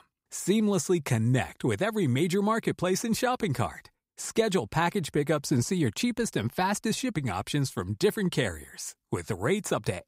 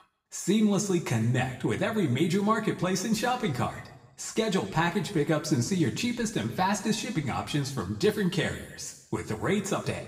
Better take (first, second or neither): first